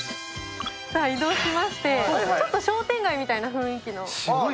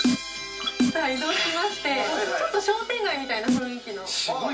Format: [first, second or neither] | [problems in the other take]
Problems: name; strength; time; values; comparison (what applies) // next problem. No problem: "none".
first | background sound (Snare drum); 1 dB below the speech // room echo; dies away in 0.3 s